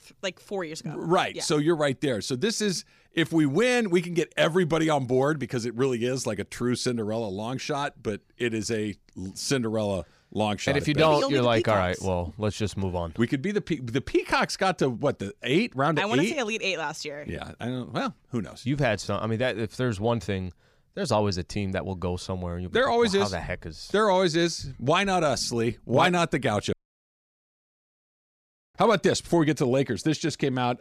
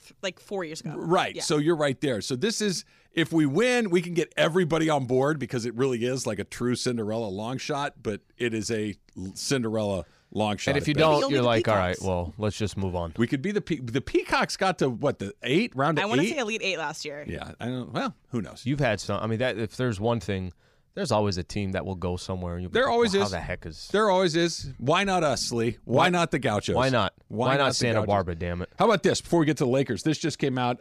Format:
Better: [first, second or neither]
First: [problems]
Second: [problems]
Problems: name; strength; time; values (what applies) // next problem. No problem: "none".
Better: second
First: audio cutting out; at 27 s for 2 s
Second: none